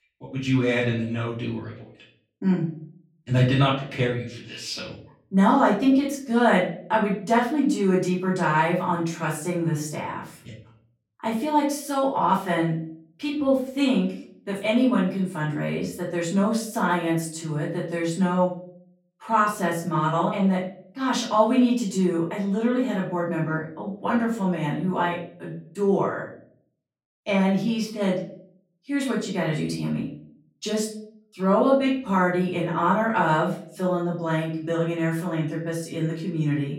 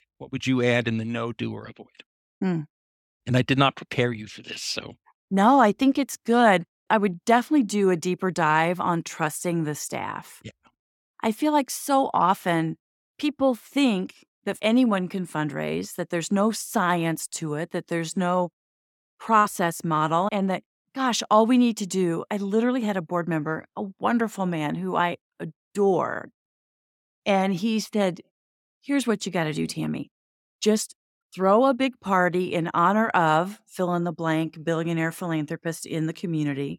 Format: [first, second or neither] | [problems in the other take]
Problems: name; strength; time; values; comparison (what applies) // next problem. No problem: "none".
second | room echo; slight; dies away in 0.5 s // off-mic speech; far